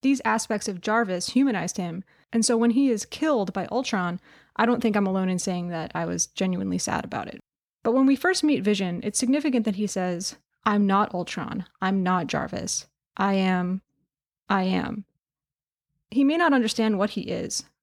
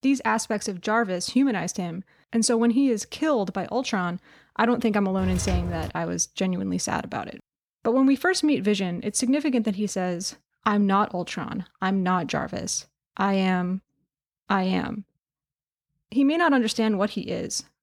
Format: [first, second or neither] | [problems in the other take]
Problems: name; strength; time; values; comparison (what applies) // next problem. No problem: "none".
first | footsteps; noticeable; at 5 s; peak 4 dB below the speech